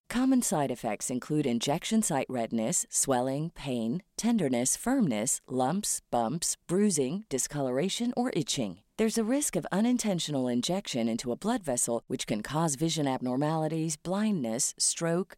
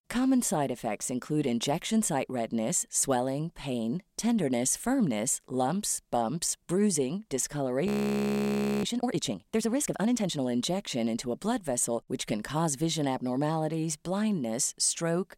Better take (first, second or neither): first